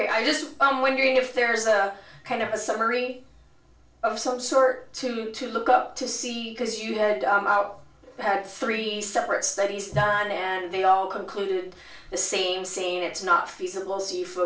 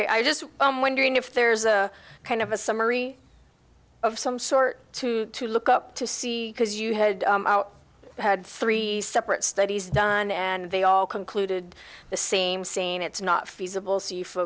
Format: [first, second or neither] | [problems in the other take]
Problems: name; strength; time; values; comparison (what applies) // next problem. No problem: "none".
second | room echo; dies away in 0.4 s